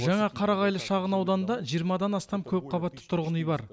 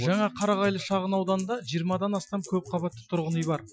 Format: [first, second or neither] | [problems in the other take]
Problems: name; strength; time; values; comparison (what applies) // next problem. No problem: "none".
first | noise reduction (classical method Wiener filter)